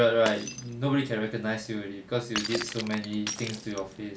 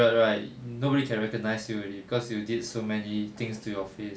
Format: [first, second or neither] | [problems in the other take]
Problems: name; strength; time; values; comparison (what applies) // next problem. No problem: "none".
second | background sound (Shatter); 10 dB below the speech